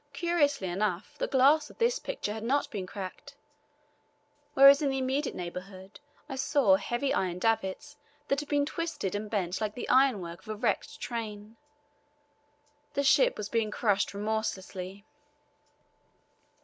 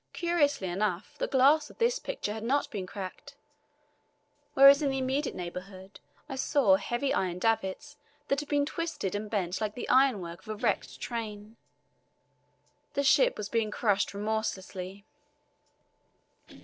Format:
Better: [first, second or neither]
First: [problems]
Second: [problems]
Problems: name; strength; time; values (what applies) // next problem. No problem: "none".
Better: first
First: none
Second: noise reduction (neural separator model SepFormer DNS4)